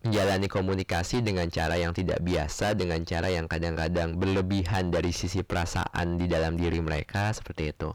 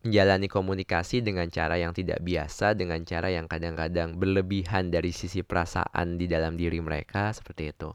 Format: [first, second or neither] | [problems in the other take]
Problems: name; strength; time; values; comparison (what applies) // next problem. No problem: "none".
second | distortion; heavy; 6 dB below the speech